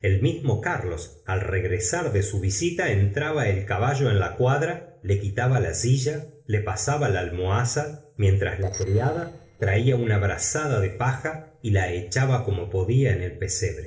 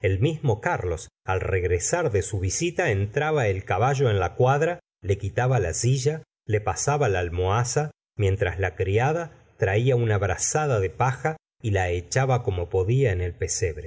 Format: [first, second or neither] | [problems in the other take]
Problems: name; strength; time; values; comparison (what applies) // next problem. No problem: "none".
second | noise reduction (neural separator model SepFormer DNS4)